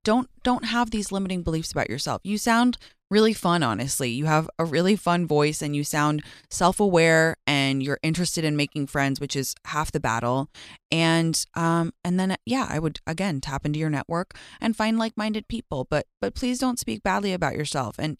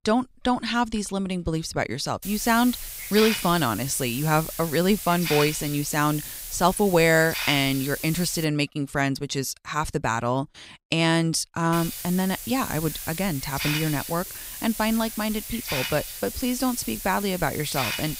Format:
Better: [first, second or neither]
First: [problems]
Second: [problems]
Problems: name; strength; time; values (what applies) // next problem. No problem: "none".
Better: first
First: none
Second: hiss; loud; from 2 to 8.5 s and from 12 s on; 7 dB below the speech